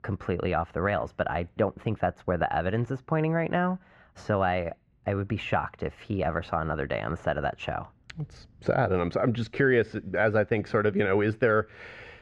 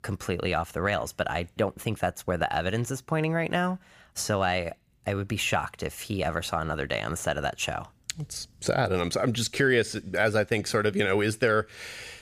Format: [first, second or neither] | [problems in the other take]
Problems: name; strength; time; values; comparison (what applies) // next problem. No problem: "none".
second | muffled; very; fading above 2 kHz